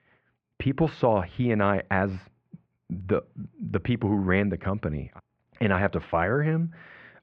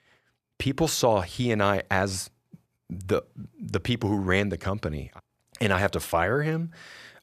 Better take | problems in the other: second | muffled; very; fading above 2.5 kHz

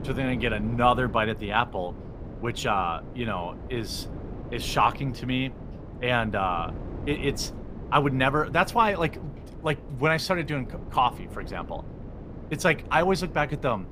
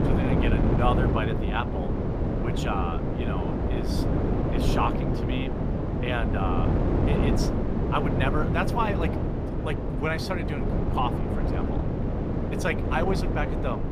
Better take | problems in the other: first | wind noise on the microphone; heavy; 1 dB below the speech; occasional gusts in the first

